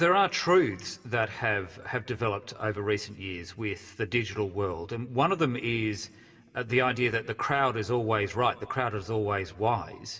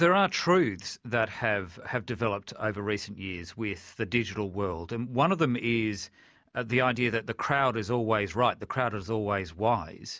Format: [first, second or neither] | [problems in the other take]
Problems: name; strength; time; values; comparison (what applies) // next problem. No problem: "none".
second | room echo; dies away in 0.7 s